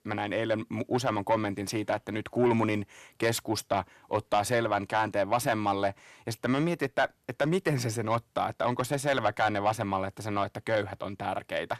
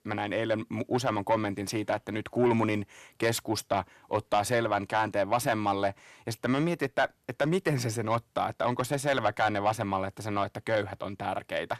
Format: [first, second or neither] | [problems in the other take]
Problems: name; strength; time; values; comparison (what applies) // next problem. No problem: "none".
neither | distortion; slight; 10 dB below the speech; the same in both